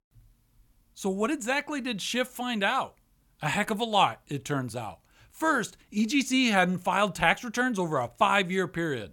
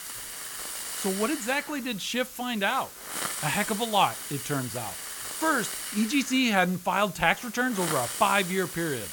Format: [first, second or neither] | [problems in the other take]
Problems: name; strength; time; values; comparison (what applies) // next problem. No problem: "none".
first | hiss; loud; throughout; 7 dB below the speech